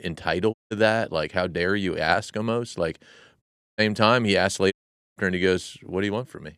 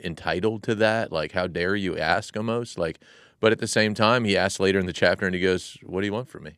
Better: second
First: audio cutting out; at 0.5 s, at 3.5 s and at 4.5 s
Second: none

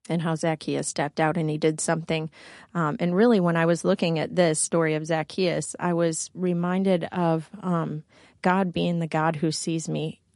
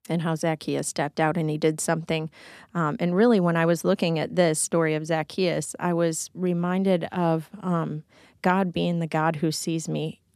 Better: second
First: garbled, watery; slightly; nothing above 10.5 kHz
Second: none

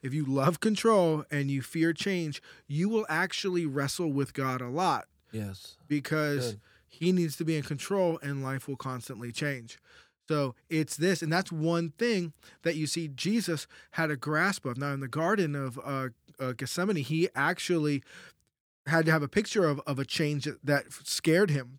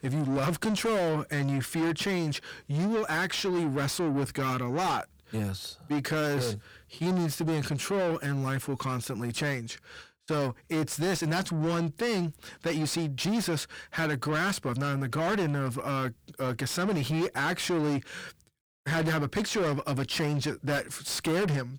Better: first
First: none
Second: distortion; heavy; 6 dB below the speech

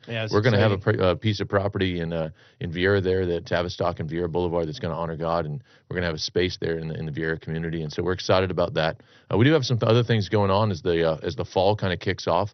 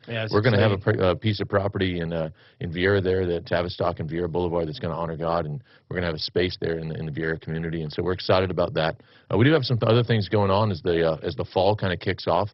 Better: first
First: garbled, watery; slightly; nothing above 6 kHz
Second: garbled, watery; badly; nothing above 5.5 kHz

